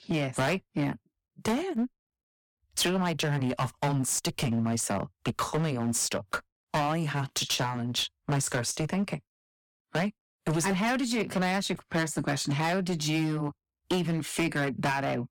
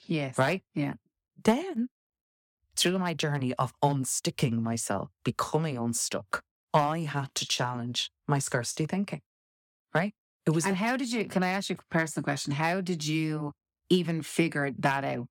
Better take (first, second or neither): second